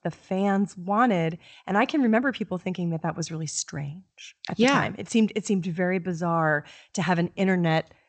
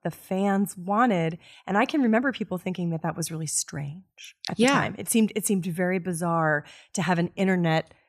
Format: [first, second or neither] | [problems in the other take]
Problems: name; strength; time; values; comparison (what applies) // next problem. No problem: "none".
second | garbled, watery; slightly; nothing above 8 kHz